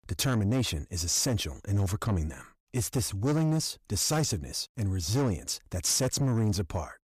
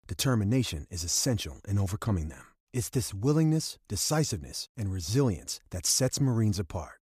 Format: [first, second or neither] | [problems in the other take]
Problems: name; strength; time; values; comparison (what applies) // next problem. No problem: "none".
second | distortion; slight; 10 dB below the speech